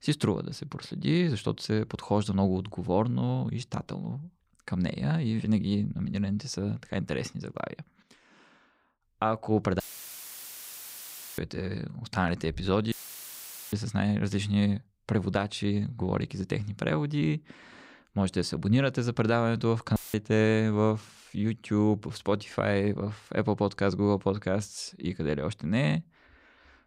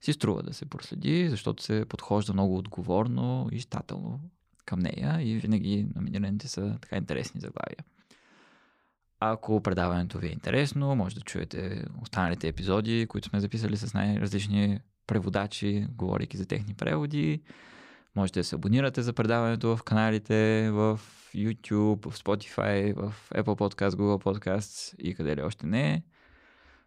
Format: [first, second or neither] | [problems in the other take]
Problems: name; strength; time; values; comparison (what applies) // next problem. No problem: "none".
second | audio cutting out; filled with static; at 10 s for 1.5 s, at 13 s for 1 s and at 20 s